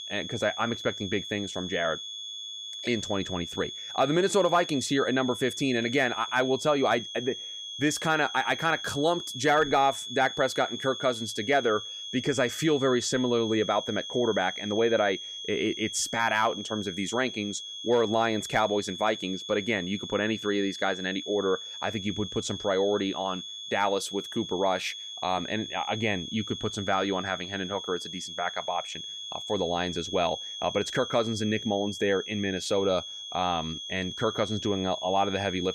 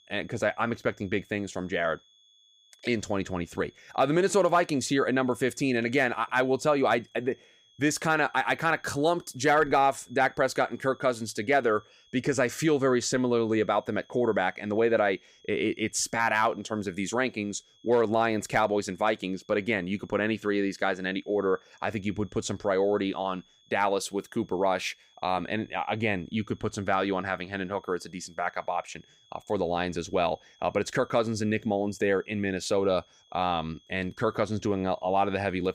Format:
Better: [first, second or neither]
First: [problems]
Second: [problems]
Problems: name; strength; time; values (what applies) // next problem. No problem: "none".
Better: second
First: high-pitched whine; loud; throughout; 3.5 kHz, 8 dB below the speech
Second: high-pitched whine; faint; throughout; 3.5 kHz, 30 dB below the speech